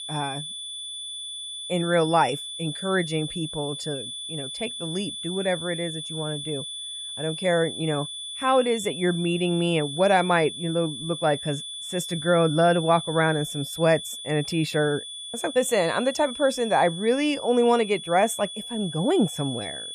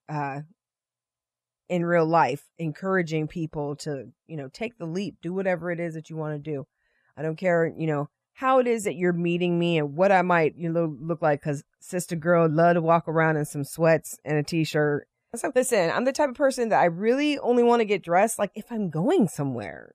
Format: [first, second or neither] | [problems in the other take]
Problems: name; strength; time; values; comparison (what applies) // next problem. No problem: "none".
second | high-pitched whine; loud; throughout; 3.5 kHz, 8 dB below the speech